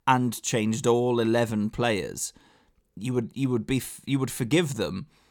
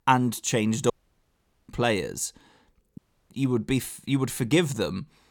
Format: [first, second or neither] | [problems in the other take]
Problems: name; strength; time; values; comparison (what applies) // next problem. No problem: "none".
first | audio cutting out; at 1 s for 1 s and at 3 s